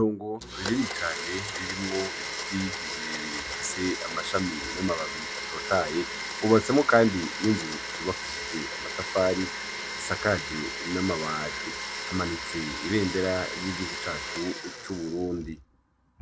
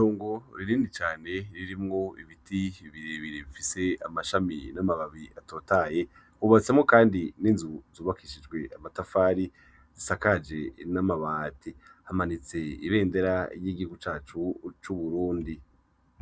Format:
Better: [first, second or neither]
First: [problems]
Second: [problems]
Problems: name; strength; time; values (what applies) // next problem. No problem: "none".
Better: second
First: background sound (Domestic sounds, home sounds); 5 dB below the speech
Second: none